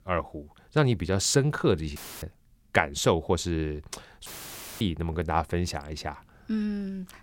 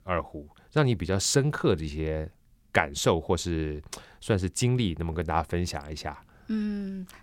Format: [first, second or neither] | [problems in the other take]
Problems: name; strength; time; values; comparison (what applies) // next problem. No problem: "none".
second | audio cutting out; filled with static; at 2 s and at 4.5 s for 0.5 s